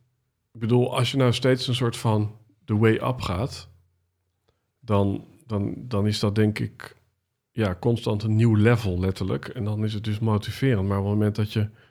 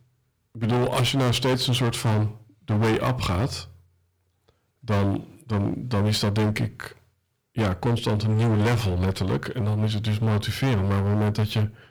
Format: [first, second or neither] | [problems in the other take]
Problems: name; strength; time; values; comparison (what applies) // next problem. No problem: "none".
first | distortion; heavy; 21% of the sound clipped